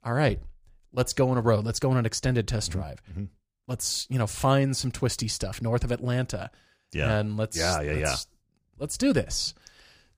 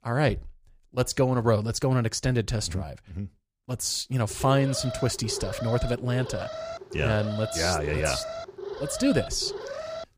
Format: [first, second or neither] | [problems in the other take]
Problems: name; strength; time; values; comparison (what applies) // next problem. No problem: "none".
first | alarm; noticeable; from 4.5 s on; peak 8 dB below the speech